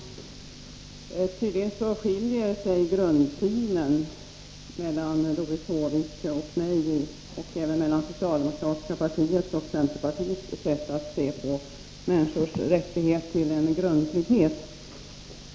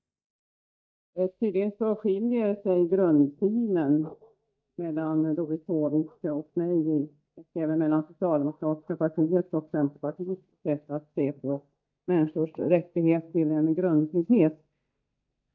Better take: first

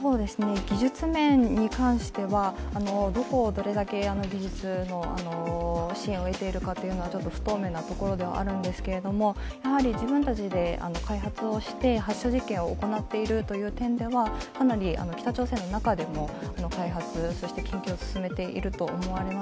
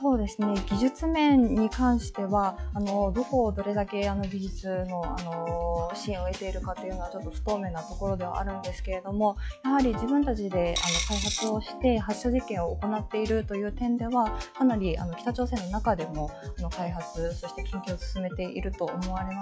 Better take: first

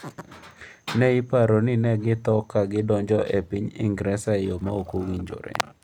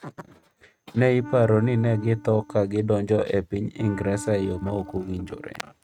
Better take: first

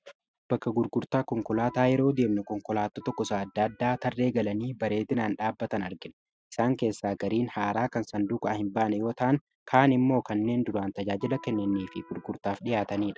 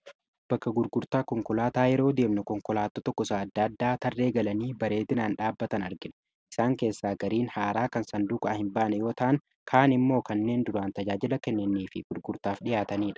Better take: second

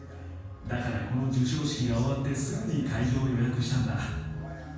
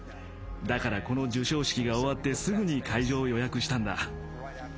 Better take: second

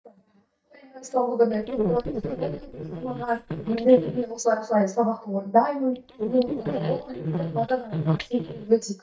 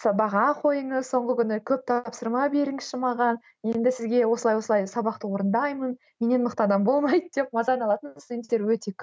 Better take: second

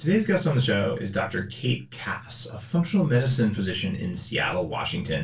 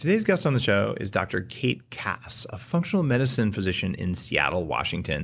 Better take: second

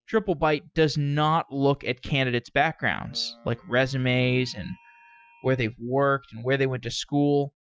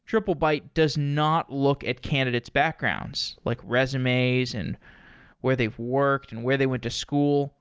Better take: second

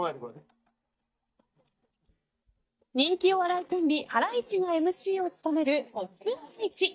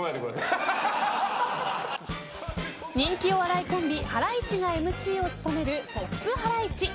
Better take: second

